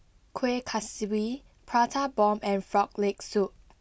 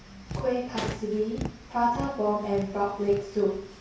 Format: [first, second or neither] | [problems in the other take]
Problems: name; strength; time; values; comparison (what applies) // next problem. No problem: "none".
first | background sound (Tap); 10 dB below the speech // room echo; dies away in 0.6 s